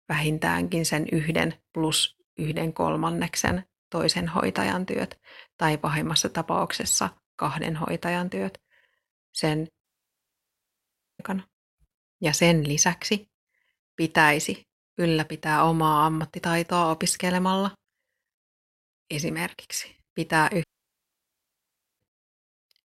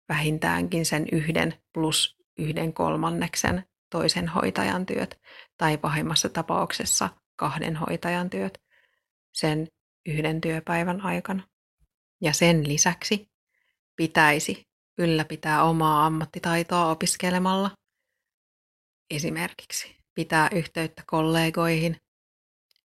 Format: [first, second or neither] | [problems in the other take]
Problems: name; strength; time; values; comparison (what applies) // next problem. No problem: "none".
second | audio cutting out; at 10 s for 1.5 s and at 21 s for 1.5 s